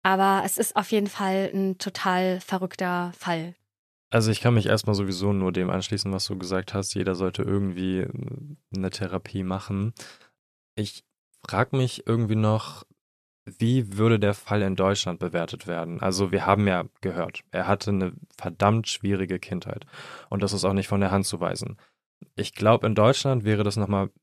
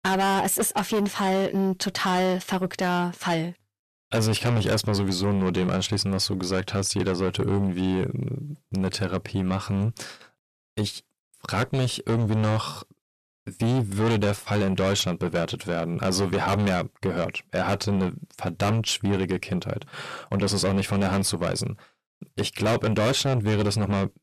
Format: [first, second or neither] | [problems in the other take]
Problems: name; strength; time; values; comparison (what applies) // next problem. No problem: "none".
first | distortion; heavy; 6 dB below the speech